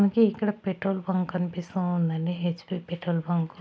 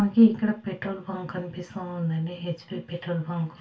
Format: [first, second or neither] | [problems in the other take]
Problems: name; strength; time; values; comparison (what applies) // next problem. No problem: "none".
first | room echo; dies away in 0.2 s